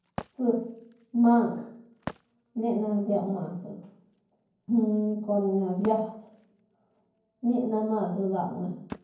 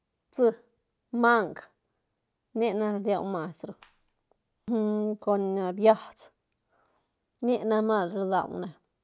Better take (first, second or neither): second